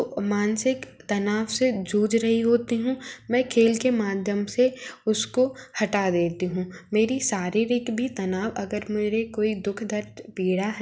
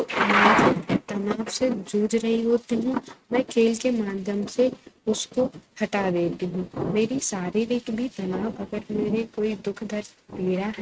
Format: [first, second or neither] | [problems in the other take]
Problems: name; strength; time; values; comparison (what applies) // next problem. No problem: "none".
first | noise reduction (neural mask model RNNoise)